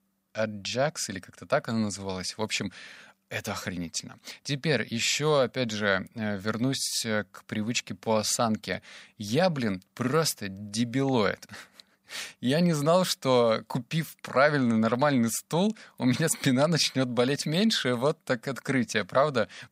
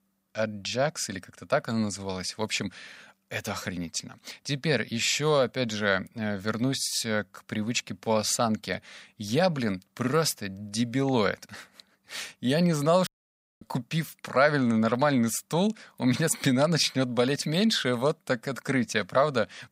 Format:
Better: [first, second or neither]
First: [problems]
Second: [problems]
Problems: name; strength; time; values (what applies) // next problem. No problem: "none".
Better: first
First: none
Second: audio cutting out; at 13 s for 0.5 s